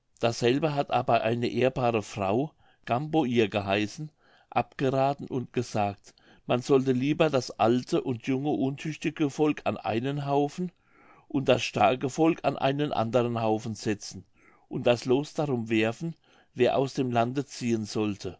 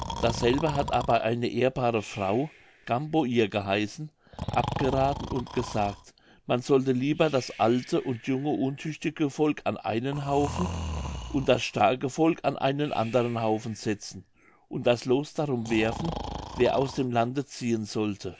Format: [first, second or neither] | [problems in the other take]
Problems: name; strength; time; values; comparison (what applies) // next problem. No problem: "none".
first | background sound (Breathing); 12 dB below the speech